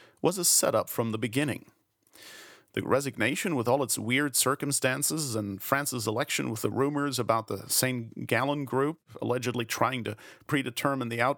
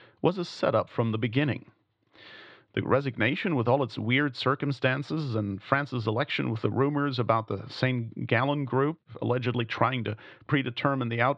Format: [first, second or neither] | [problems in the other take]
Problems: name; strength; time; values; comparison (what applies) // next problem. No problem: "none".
first | muffled; very; fading above 4 kHz